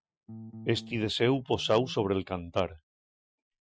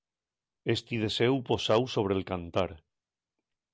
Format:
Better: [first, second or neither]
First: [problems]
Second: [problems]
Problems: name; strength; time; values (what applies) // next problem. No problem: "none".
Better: second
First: noise reduction (classical method Wiener filter)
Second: none